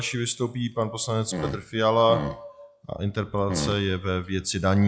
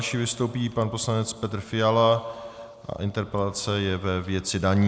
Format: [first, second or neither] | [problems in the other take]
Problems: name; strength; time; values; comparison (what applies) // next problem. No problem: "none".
second | noise reduction (classical method log-MMSE)